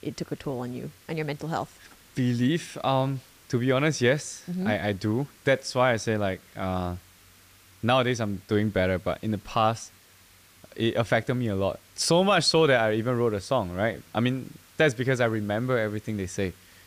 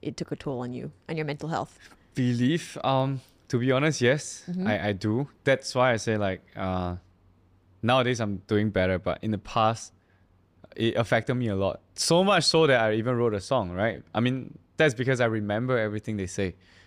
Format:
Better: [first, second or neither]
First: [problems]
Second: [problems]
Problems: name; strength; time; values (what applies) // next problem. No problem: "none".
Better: second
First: hiss; faint; throughout; 25 dB below the speech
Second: none